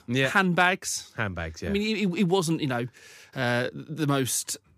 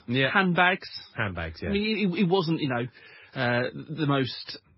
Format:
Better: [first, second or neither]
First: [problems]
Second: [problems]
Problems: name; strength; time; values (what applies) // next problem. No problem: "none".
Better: first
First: none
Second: garbled, watery; badly; nothing above 5.5 kHz